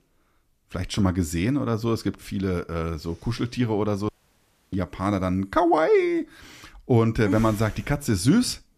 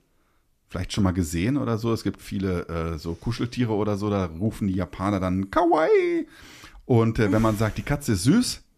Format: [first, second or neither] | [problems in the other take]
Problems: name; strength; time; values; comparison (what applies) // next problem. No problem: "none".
second | audio cutting out; at 4 s for 0.5 s